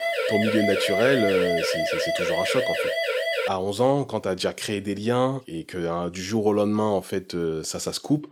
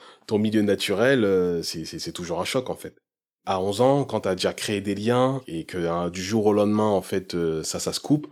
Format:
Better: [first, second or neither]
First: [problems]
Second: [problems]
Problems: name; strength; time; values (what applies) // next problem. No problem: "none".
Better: second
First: siren; loud; until 3.5 s; peak 1 dB above the speech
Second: none